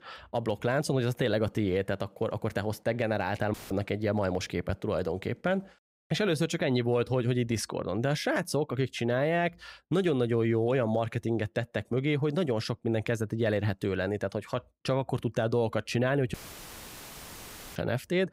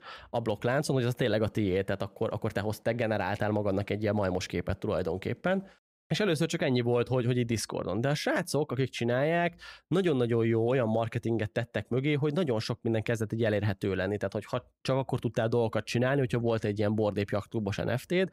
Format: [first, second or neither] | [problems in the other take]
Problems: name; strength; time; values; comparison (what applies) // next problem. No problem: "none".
second | audio cutting out; filled with static; at 3.5 s and at 16 s for 1.5 s